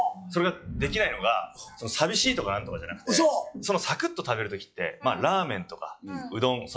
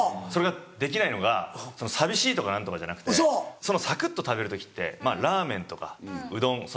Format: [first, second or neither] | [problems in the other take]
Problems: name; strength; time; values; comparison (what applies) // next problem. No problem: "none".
second | noise reduction (classical method log-MMSE)